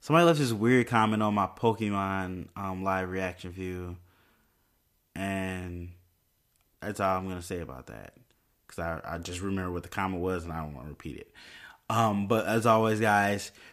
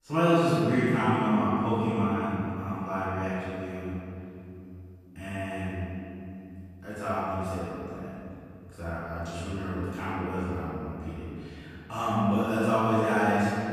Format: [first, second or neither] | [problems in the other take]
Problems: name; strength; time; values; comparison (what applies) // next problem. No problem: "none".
first | off-mic speech; far // room echo; strong; dies away in 3 s